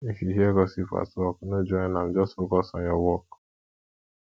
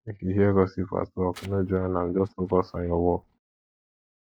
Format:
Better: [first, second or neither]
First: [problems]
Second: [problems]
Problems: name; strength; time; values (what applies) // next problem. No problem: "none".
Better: first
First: none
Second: noise reduction (neural mask model DeepFilterNet 3)